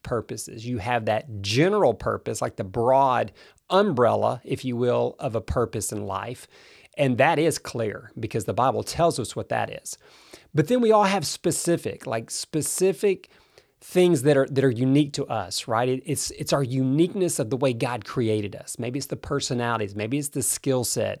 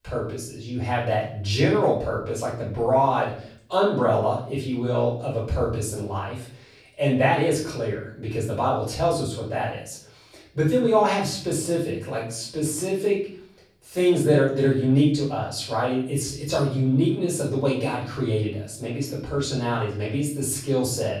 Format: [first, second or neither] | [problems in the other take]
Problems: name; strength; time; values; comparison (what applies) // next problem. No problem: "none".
first | off-mic speech; far // room echo; noticeable; dies away in 0.6 s